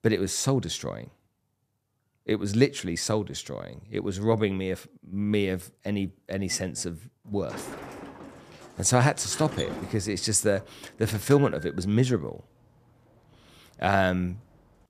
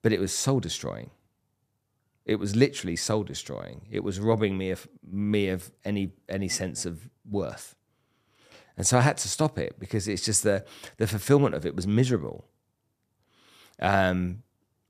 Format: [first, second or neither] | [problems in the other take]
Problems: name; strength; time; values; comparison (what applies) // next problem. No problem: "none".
second | door banging; noticeable; from 7.5 to 12 s; peak 8 dB below the speech